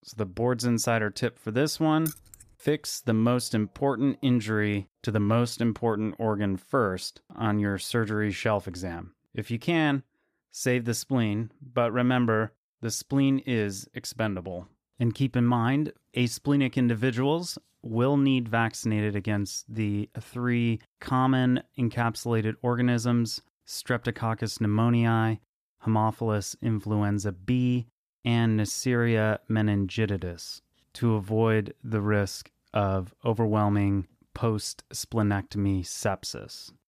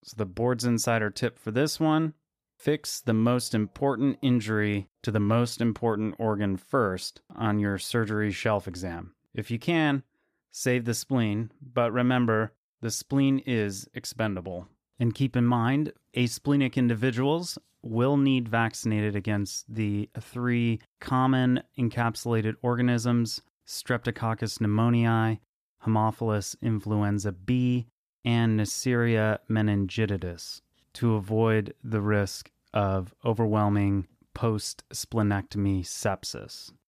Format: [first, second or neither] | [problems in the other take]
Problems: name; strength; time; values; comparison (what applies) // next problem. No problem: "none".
second | jangling keys; faint; at 2 s; peak 10 dB below the speech